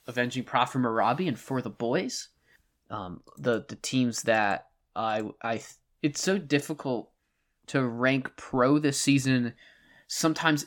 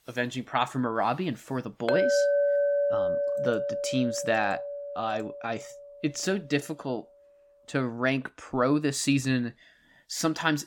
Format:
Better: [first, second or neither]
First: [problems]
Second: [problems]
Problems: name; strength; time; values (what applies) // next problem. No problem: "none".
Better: first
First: none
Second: clattering dishes; loud; from 2 to 5.5 s; peak 6 dB above the speech